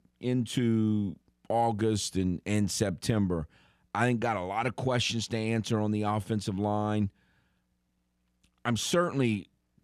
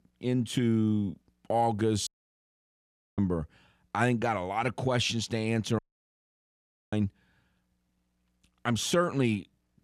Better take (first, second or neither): first